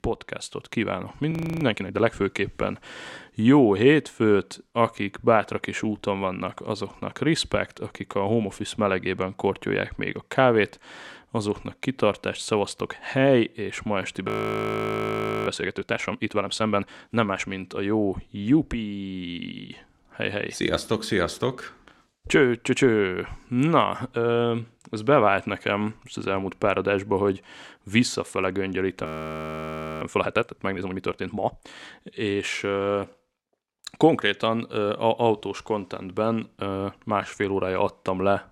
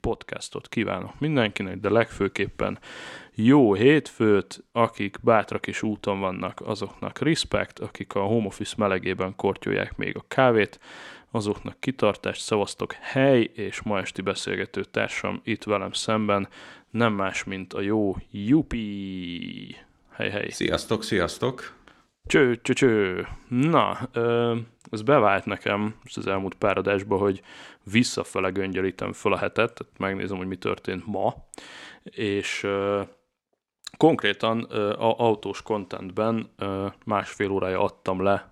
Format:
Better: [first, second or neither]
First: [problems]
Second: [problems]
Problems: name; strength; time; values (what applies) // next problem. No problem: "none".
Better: second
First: audio freezing; at 1.5 s, at 14 s for 1 s and at 29 s for 1 s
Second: none